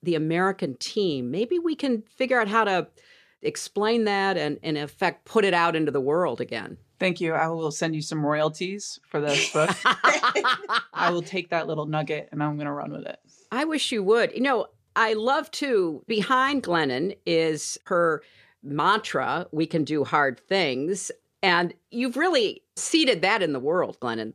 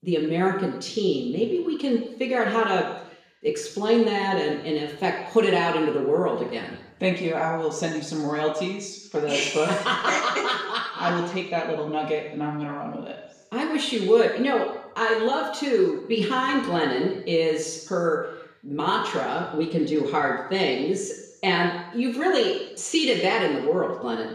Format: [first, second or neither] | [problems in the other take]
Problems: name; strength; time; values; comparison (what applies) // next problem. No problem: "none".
first | room echo; noticeable; dies away in 0.9 s // off-mic speech; far